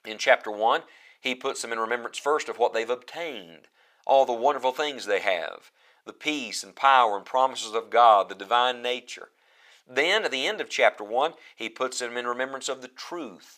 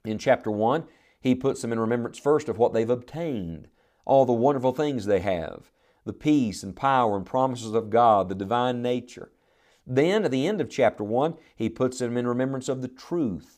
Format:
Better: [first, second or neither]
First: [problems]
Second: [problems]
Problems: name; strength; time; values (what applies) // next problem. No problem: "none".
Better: second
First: thin; very; fading below 700 Hz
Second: none